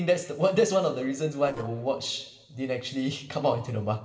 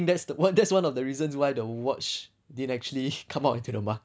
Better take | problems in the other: second | noise reduction (neural separator model SepFormer DNS4)

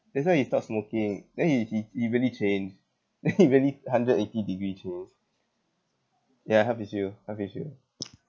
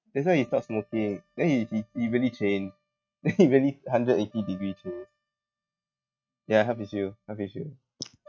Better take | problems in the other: first | noise reduction (neural mask model RNNoise)

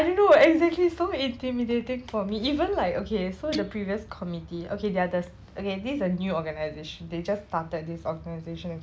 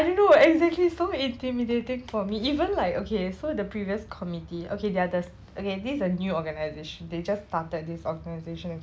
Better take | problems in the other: second | background sound (Guitar); 15 dB below the speech

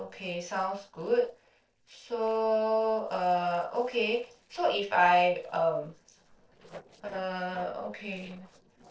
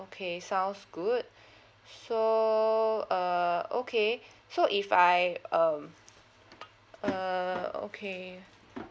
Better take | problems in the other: second | noise reduction (neural separator model SepFormer DNS4)

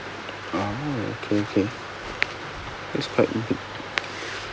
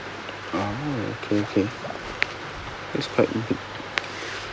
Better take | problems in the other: first | background sound (Water / Liquid); 19 dB below the speech

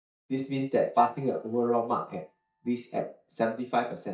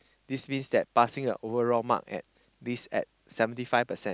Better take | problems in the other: second | noise reduction (neural mask model DeepFilterNet 3)

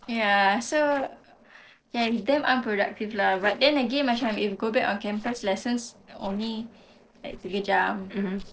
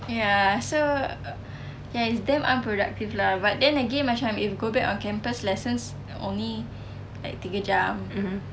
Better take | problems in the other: second | noise reduction (neural separator model SepFormer DNS4)

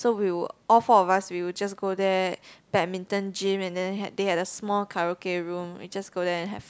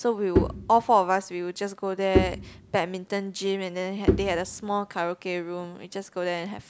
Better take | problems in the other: first | background sound (Bowed string instrument); 3 dB below the speech

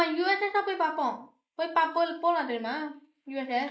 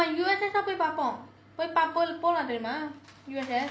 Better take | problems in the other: second | noise reduction (neural mask model Resemble Enhance denoiser)

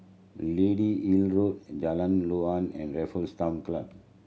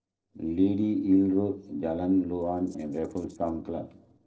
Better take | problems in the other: first | noise reduction (neural separator model SepFormer DNS4)

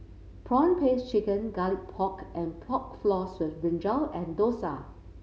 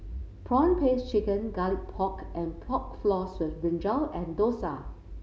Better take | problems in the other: first | background sound (Accelerating, revving, vroom); 12 dB below the speech

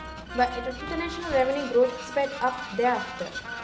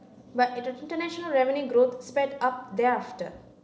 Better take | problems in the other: second | background sound (Trumpet + Vehicle); 10 dB below the speech

